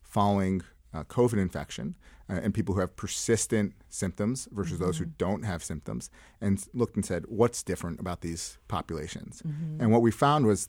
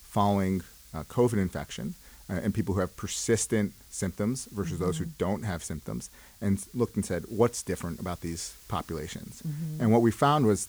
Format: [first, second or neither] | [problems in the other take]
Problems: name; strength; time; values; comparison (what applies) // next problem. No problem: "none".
first | hiss; faint; throughout; 20 dB below the speech